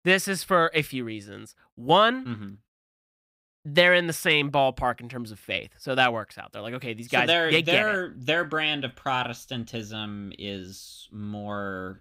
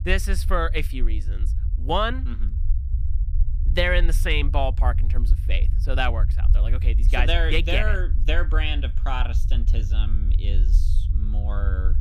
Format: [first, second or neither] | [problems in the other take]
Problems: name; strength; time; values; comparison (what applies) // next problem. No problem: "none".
first | low rumble; noticeable; throughout; 20 dB below the speech